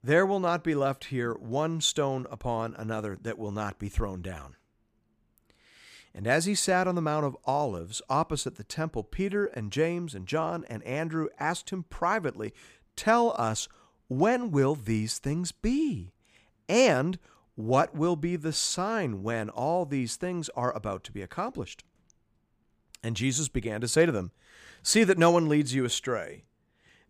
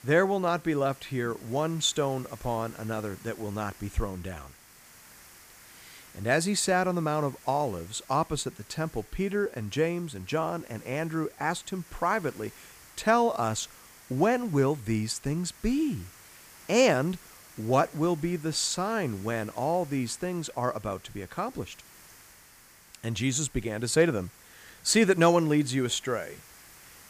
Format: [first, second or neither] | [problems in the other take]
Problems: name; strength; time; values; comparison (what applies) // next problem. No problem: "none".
first | hiss; faint; throughout; 20 dB below the speech